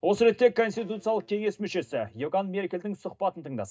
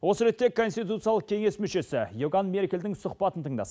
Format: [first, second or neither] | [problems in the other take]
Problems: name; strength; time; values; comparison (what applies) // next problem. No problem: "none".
second | noise reduction (neural mask model DeepFilterNet 3)